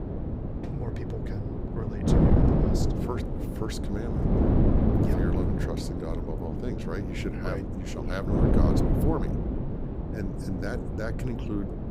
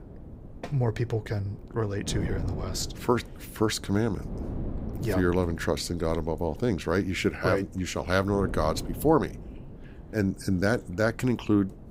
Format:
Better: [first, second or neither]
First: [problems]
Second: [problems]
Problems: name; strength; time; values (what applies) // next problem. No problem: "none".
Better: second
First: wind noise on the microphone; heavy; 4 dB above the speech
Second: wind noise on the microphone; occasional gusts; 15 dB below the speech